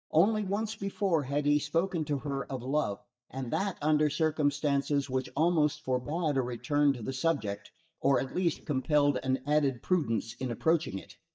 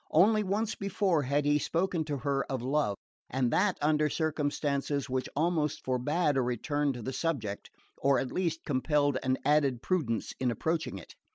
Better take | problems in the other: second | noise reduction (neural mask model DeepFilterNet 3)

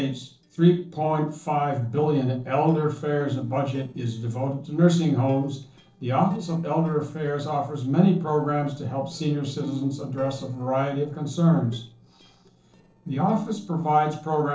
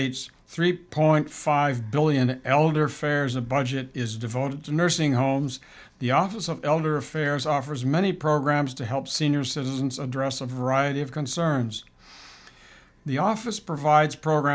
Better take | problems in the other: second | noise reduction (neural separator model SepFormer DNS4)

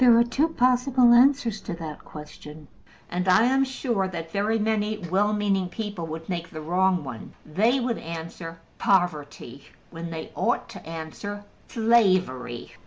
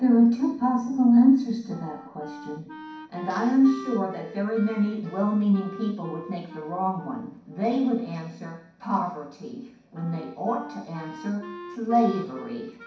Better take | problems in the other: first | background sound (Wind instrument, woodwind instrument); 18 dB below the speech // room echo; dies away in 0.6 s

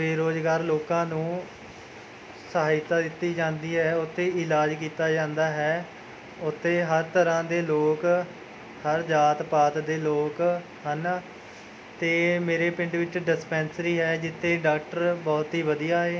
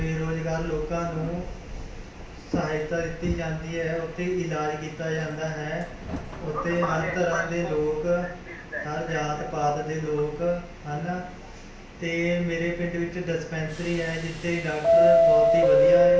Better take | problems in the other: first | background sound (Subway, metro, underground); 1 dB above the speech // room echo; dies away in 0.5 s

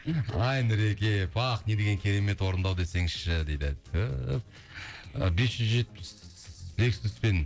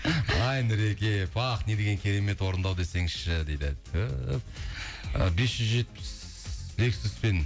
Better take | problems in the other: second | noise reduction (neural separator model SepFormer DNS4)

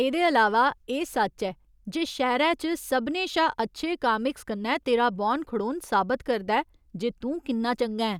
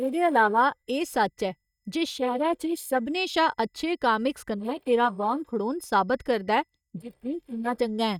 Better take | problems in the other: first | noise reduction (neural mask model DeepFilterNet 3)

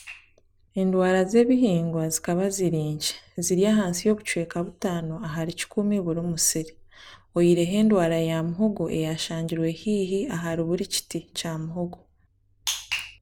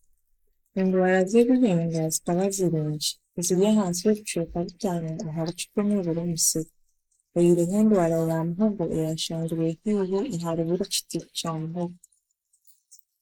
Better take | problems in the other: first | noise reduction (neural mask model Resemble Enhance denoiser)

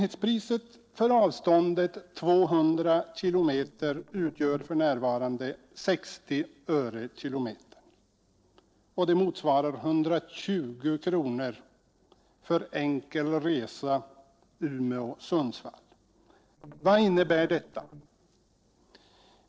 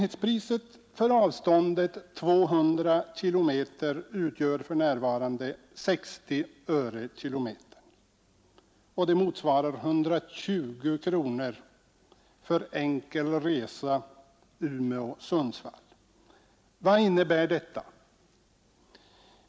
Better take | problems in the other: second | noise reduction (neural separator model SepFormer DNS4)

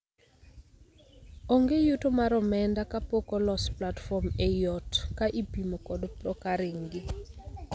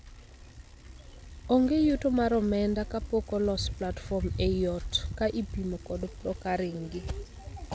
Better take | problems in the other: first | background sound (Bicycle); 16 dB below the speech

